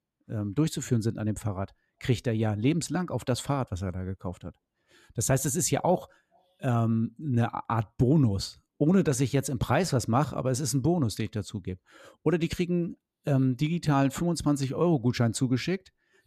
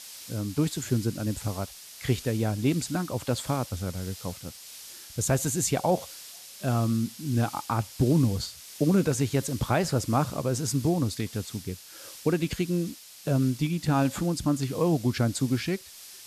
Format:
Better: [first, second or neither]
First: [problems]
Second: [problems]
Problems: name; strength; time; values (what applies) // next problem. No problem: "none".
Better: first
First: none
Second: hiss; noticeable; throughout; 15 dB below the speech